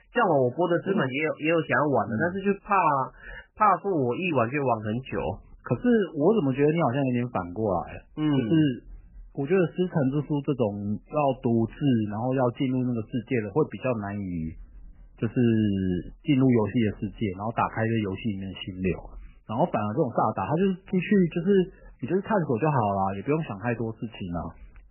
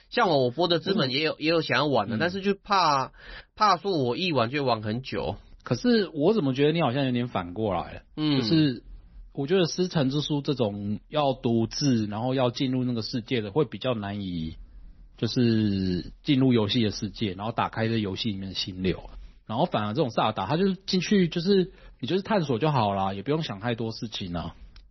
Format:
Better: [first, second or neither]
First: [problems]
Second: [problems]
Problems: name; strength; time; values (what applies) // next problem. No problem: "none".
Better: second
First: garbled, watery; badly; nothing above 3 kHz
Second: garbled, watery; slightly; nothing above 6 kHz